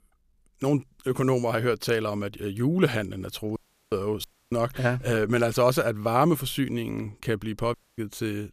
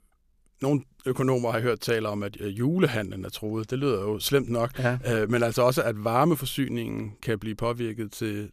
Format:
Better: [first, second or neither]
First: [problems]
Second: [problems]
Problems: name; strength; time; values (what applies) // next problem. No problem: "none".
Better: second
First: audio cutting out; at 3.5 s, at 4 s and at 7.5 s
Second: none